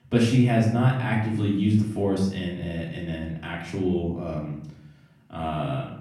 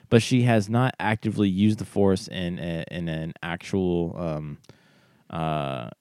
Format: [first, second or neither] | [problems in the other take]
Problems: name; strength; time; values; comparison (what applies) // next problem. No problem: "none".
second | off-mic speech; far // room echo; noticeable; dies away in 0.7 s